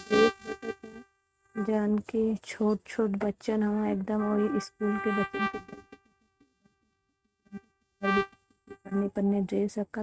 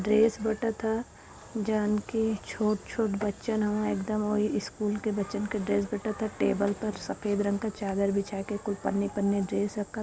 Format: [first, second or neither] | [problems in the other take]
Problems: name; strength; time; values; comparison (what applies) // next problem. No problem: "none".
second | noise reduction (neural mask model RNNoise)